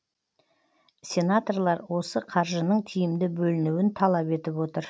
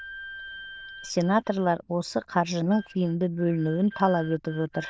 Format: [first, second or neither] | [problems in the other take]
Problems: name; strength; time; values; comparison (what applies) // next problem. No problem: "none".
first | noise reduction (neural diffusion model UNIVERSE++)